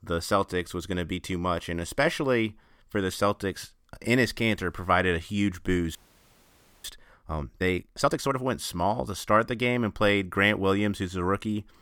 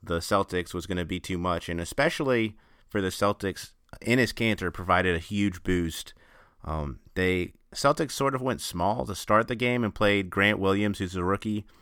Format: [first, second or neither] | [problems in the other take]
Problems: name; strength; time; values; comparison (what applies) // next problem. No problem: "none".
second | audio freezing; at 6 s for 1 s